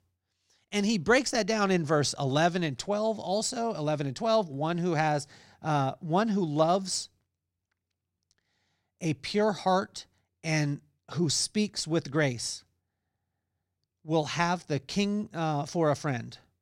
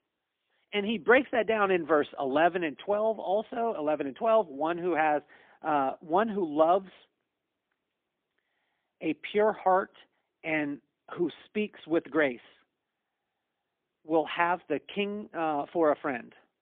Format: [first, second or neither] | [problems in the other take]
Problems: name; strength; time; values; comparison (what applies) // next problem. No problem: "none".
first | phone-call audio; poor line